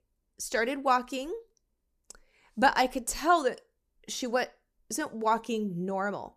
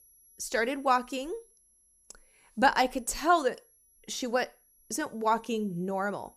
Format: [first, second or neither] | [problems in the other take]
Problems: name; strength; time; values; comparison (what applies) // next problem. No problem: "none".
first | high-pitched whine; faint; throughout; 11.5 kHz, 30 dB below the speech